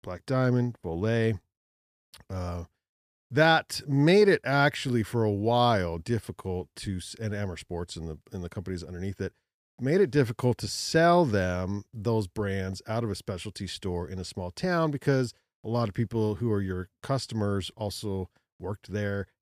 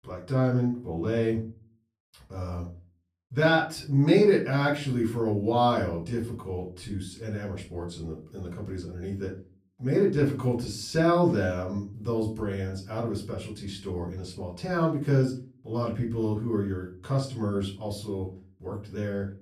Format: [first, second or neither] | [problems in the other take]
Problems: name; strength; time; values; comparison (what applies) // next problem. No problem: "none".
first | off-mic speech; far // room echo; slight; dies away in 0.3 s